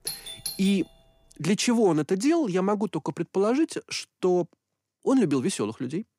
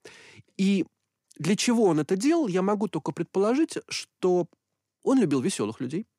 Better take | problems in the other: second | doorbell; noticeable; at the start; peak 8 dB below the speech

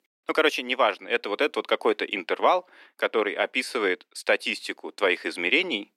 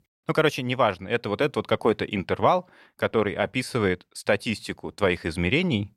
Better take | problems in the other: second | thin; somewhat; fading below 250 Hz

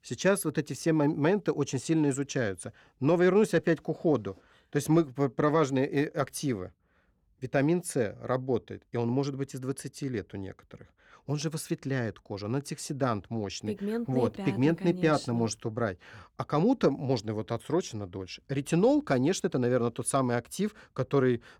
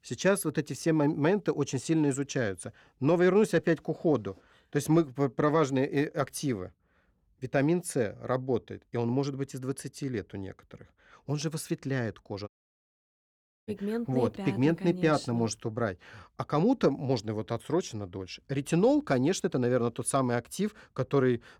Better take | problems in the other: first | audio cutting out; at 12 s for 1 s

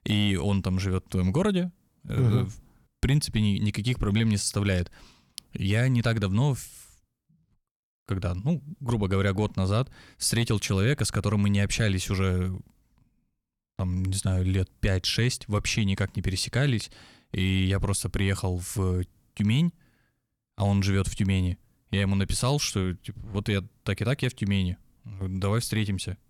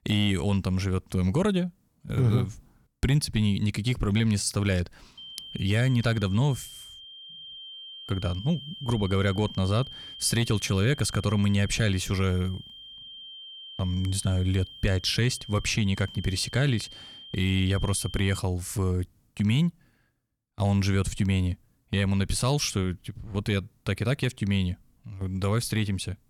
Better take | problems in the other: first | high-pitched whine; noticeable; from 5 to 18 s; 3 kHz, 15 dB below the speech

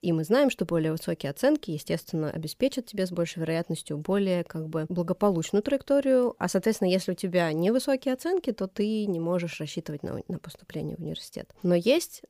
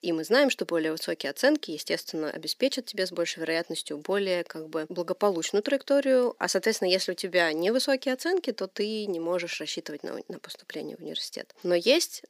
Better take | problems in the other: first | thin; very slightly; fading below 250 Hz

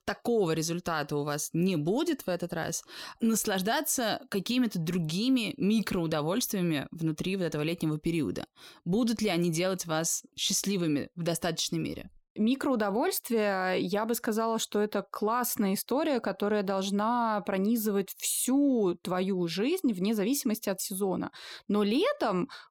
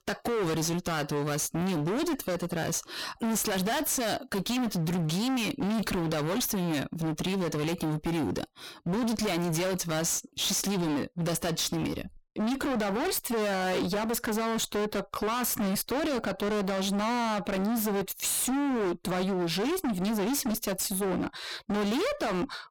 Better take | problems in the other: first | distortion; heavy; 40% of the sound clipped

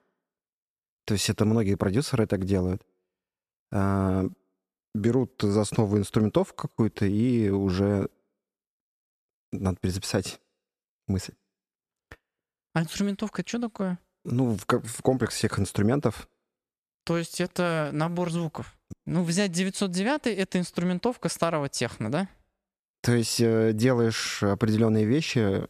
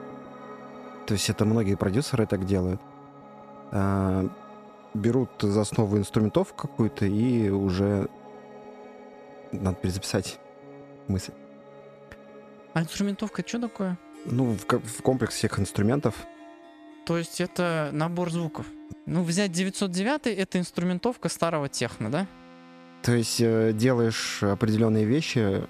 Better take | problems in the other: first | background music; faint; throughout; 20 dB below the speech

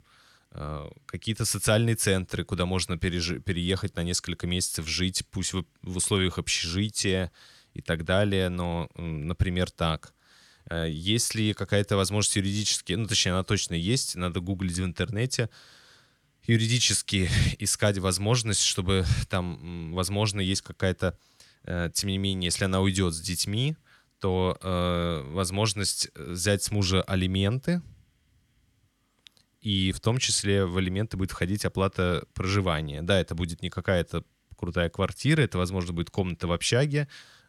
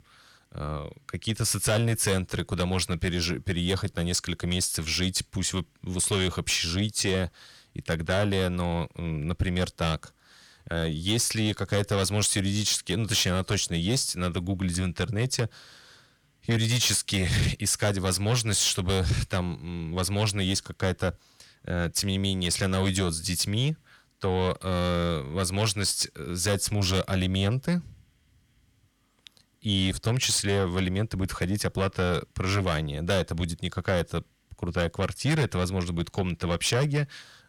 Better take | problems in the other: first | distortion; slight; 10 dB below the speech

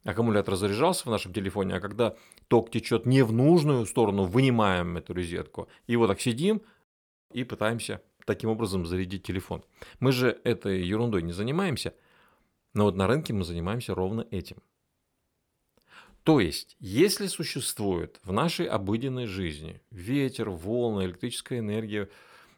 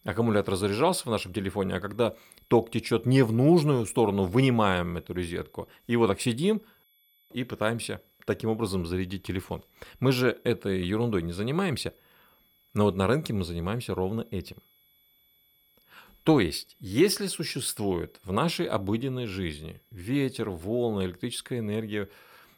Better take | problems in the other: first | high-pitched whine; faint; throughout; 3.5 kHz, 35 dB below the speech

